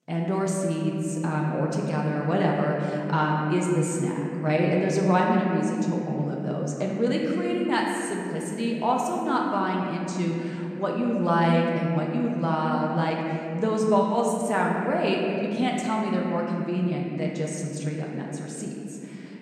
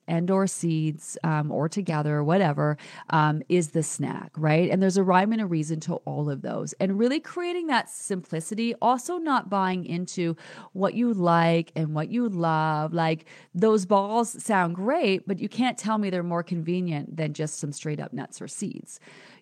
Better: second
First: room echo; noticeable; dies away in 2.5 s // off-mic speech; somewhat distant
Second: none

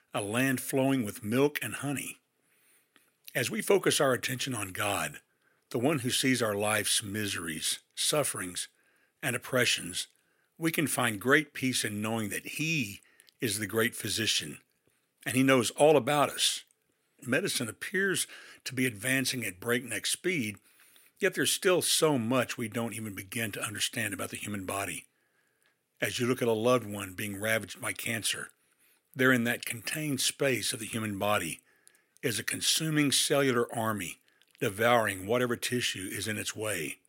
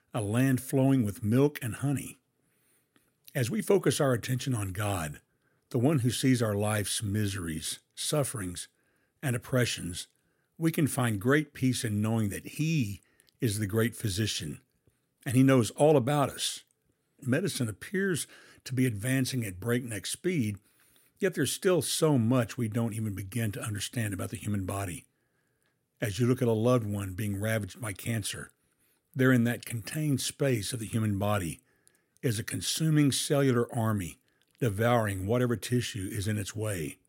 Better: second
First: thin; very slightly; fading below 950 Hz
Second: none

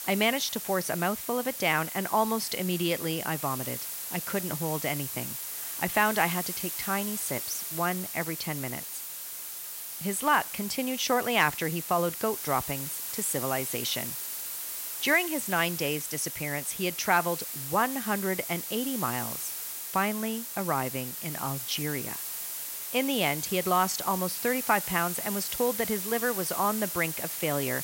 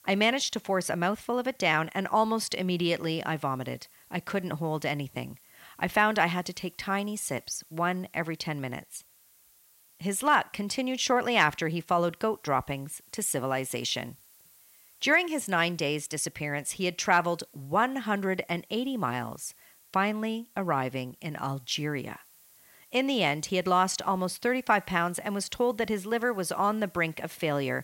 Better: second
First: hiss; loud; throughout; 4 dB below the speech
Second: hiss; faint; throughout; 25 dB below the speech

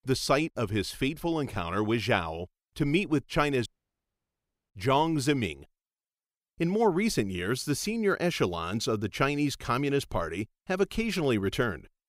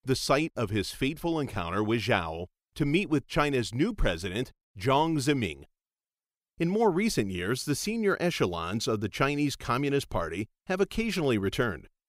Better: second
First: audio cutting out; at 3.5 s for 1 s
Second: none

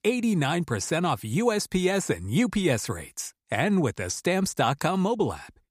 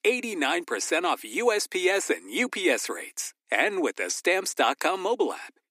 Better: first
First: none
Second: thin; somewhat; fading below 250 Hz

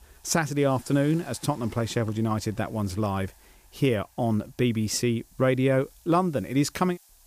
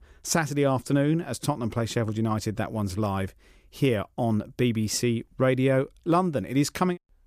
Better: second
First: hiss; faint; throughout; 30 dB below the speech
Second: none

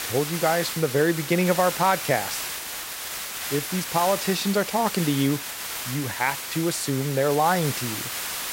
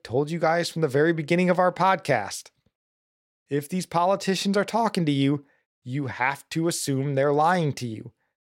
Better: second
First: hiss; loud; throughout; 5 dB below the speech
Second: none

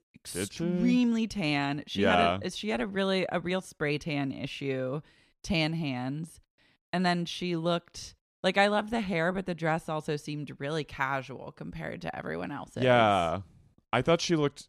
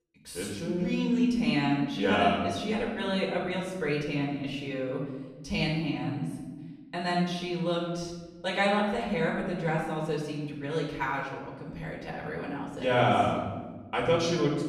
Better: first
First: none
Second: off-mic speech; far // room echo; noticeable; dies away in 1.1 s

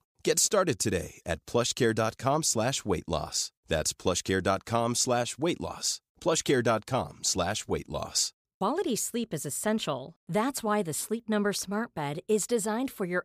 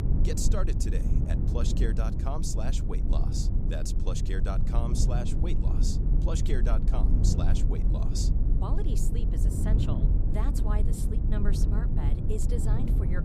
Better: first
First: none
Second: low rumble; loud; throughout; 2 dB below the speech

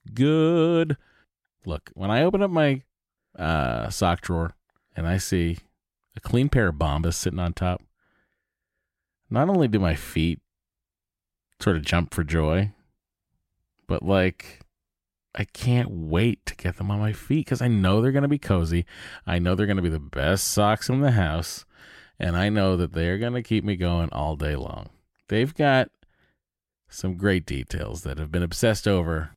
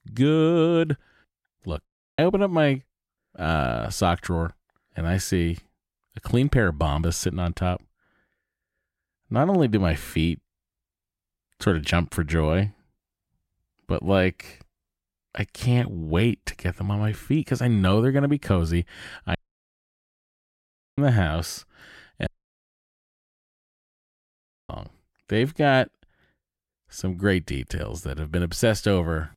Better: first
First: none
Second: audio cutting out; at 2 s, at 19 s for 1.5 s and at 22 s for 2.5 s

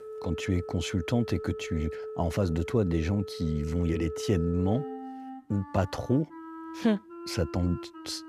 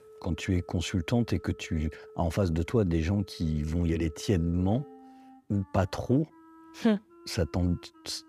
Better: second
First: background music; loud; throughout; 10 dB below the speech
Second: background music; faint; throughout; 20 dB below the speech

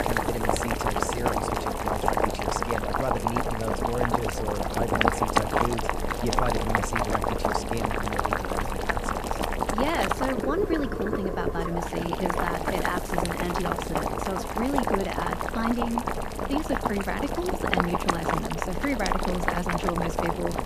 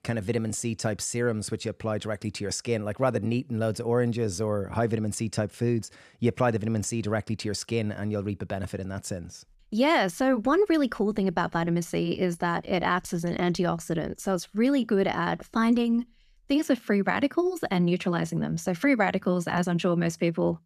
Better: second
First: household noises; very loud; throughout; 4 dB above the speech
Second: none

